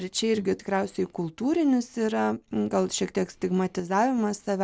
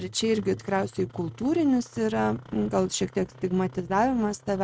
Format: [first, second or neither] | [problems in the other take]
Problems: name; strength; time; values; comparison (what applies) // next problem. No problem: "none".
first | noise reduction (neural mask model RNNoise)